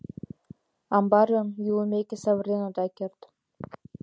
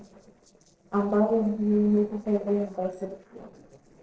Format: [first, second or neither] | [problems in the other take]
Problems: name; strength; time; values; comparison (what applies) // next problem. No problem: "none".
first | noise reduction (neural separator model SepFormer DNS4)